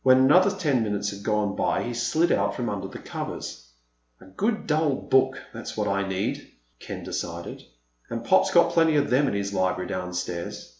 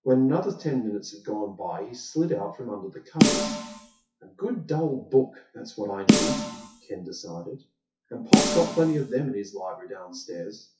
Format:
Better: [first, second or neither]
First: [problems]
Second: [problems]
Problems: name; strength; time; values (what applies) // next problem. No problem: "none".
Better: first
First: none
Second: noise reduction (classical method WPE with log-MMSE)